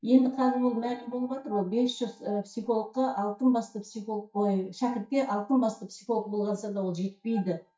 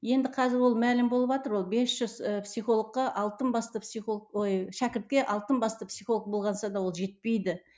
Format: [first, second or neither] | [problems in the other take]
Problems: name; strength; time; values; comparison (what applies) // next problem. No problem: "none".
second | noise reduction (neural mask model DeepFilterNet 3)